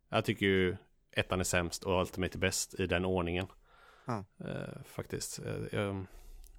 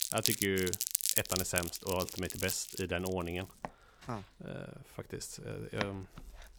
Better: first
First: none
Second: household noises; very loud; throughout; 3 dB above the speech

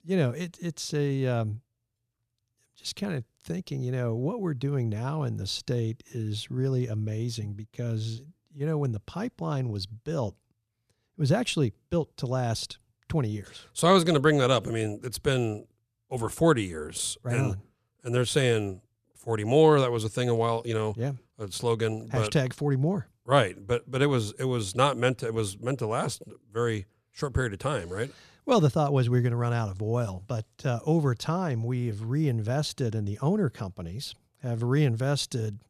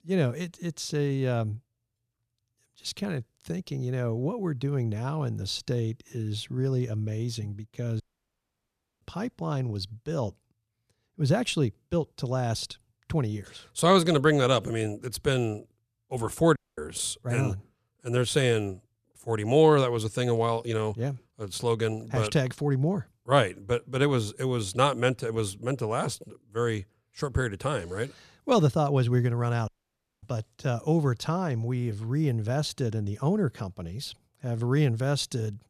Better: first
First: none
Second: audio cutting out; at 8 s for 1 s, at 17 s and at 30 s for 0.5 s

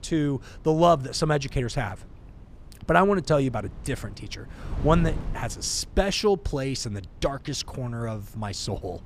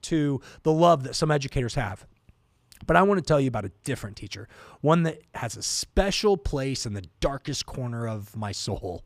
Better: second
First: wind noise on the microphone; occasional gusts; 25 dB below the speech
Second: none

